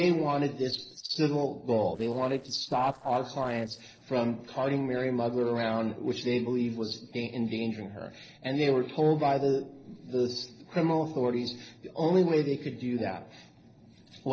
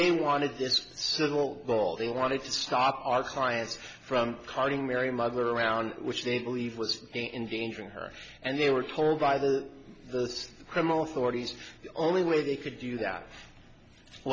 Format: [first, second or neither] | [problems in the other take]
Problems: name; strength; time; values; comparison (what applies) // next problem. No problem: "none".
second | noise reduction (neural separator model SepFormer DNS4)